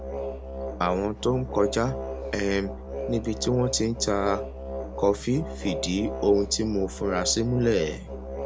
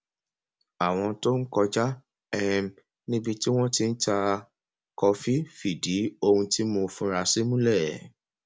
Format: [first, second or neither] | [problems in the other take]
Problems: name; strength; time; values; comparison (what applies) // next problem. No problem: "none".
second | background sound (Musical instrument); 7 dB below the speech